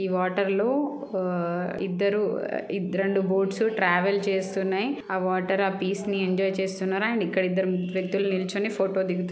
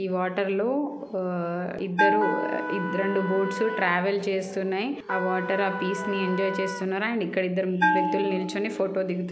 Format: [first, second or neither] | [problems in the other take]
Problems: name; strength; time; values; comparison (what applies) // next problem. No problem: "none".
first | background sound (Trumpet + Bell); 4 dB below the speech